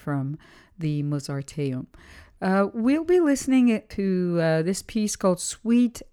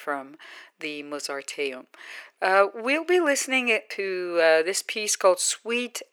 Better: first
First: none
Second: thin; very; fading below 450 Hz

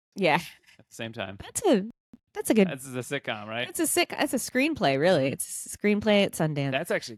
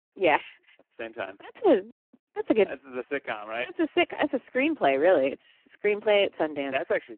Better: first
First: none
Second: phone-call audio; poor line

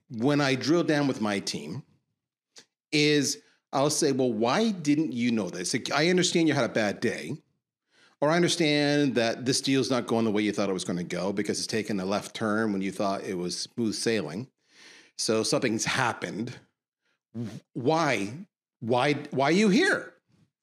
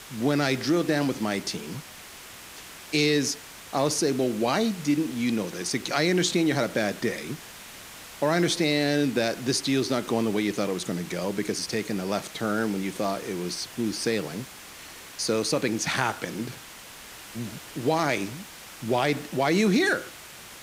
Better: first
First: none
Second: hiss; noticeable; throughout; 15 dB below the speech

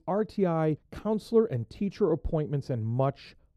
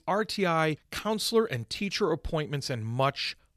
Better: second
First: muffled; very; fading above 1 kHz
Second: none

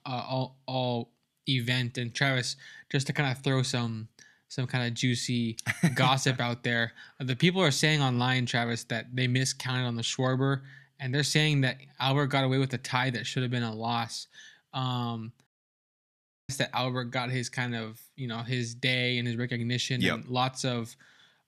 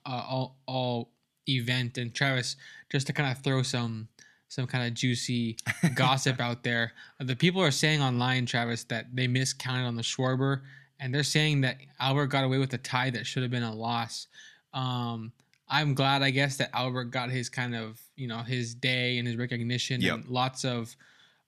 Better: second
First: audio cutting out; at 15 s for 1 s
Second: none

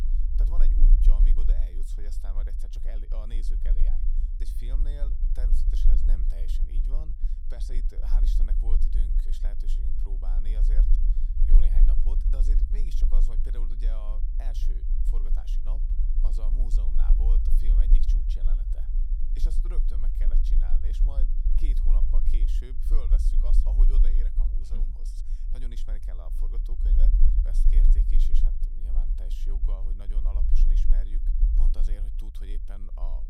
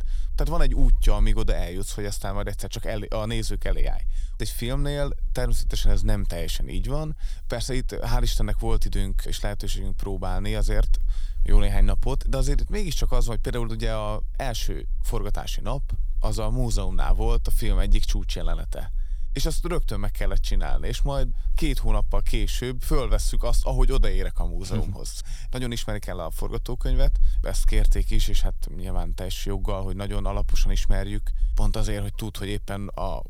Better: second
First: low rumble; loud; throughout; 2 dB below the speech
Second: low rumble; faint; throughout; 25 dB below the speech

